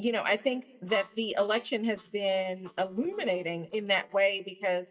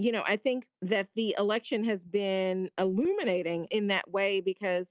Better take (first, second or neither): second